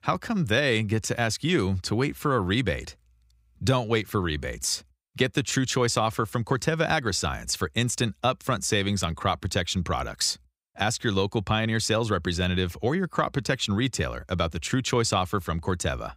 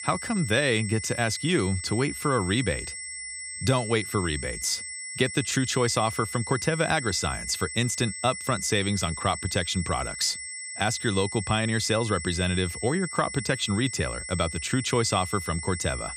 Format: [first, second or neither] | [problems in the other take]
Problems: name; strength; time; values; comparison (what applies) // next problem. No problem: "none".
first | high-pitched whine; loud; throughout; 8 kHz, 7 dB below the speech